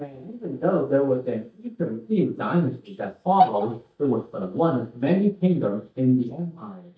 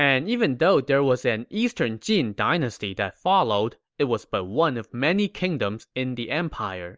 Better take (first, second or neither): second